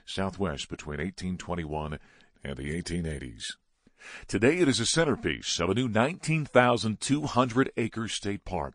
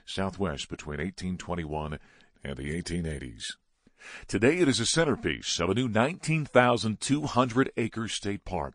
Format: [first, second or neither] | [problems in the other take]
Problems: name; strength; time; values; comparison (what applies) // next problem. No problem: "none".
neither | garbled, watery; slightly; nothing above 9.5 kHz; the same in both